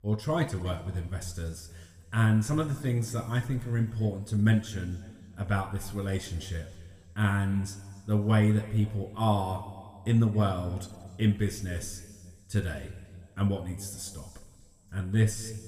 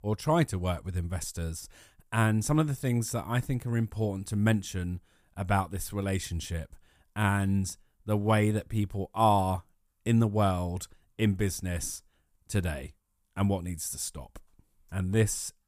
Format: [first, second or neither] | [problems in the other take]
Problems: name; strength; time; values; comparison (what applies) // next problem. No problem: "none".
second | room echo; slight; dies away in 1.8 s